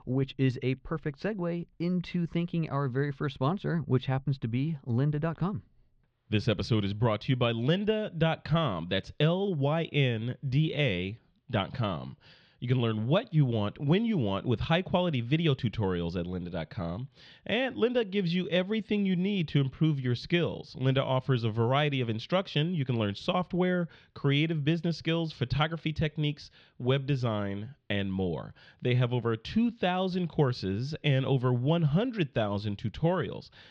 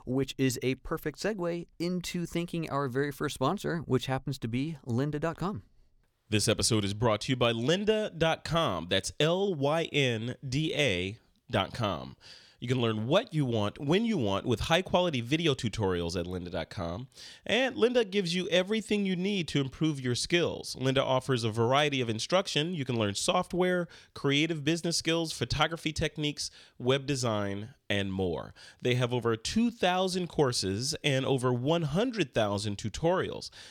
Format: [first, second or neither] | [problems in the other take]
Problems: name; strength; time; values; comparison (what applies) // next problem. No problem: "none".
second | muffled; slightly; fading above 4 kHz